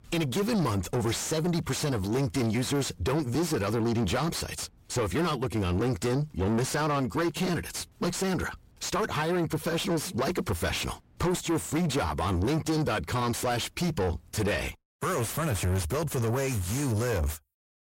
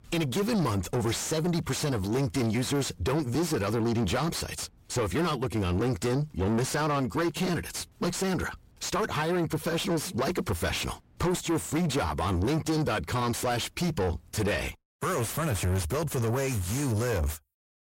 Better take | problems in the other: neither | distortion; heavy; 7 dB below the speech; the same in both

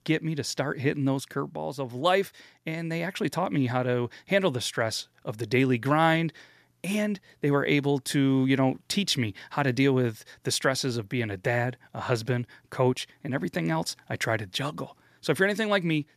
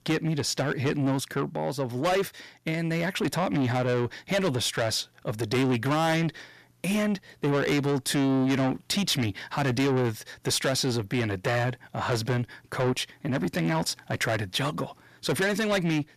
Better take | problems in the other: first | distortion; heavy; 7 dB below the speech

